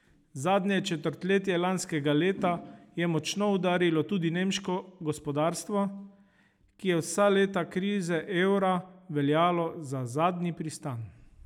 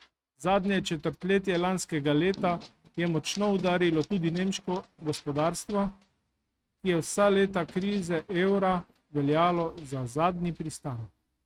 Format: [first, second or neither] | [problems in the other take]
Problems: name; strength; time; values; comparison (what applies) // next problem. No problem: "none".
first | noise reduction (neural mask model RNNoise)